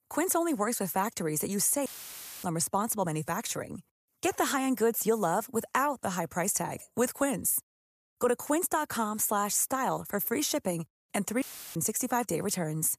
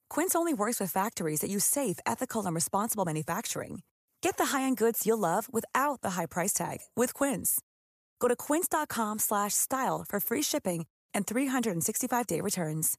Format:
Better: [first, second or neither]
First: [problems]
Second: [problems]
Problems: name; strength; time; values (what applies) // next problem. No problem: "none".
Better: second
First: audio cutting out; filled with static; at 2 s for 0.5 s and at 11 s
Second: none